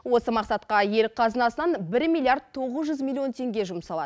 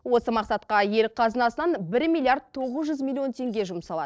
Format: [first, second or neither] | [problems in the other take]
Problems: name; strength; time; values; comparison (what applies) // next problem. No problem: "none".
first | noise reduction (neural separator model SepFormer DNS4)